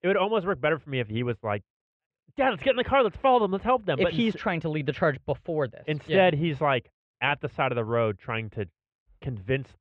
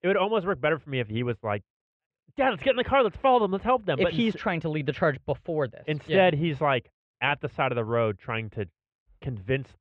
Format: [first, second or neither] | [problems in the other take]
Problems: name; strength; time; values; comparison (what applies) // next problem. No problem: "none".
neither | muffled; very; fading above 2.5 kHz; the same in both